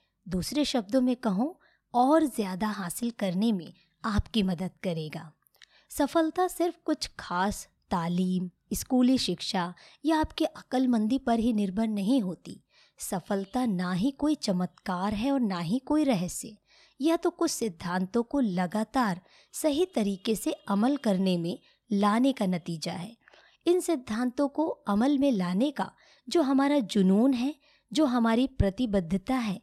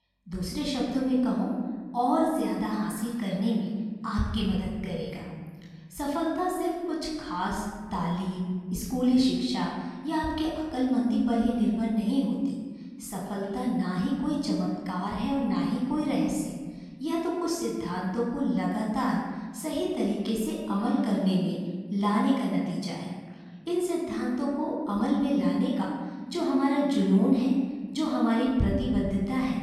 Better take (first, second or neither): first